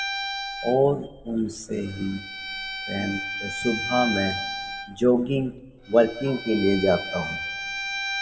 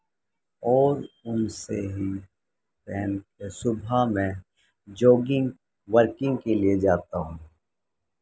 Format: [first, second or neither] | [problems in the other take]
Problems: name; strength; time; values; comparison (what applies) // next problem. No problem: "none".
second | background sound (Bowed string instrument); 7 dB below the speech // room echo; dies away in 1.2 s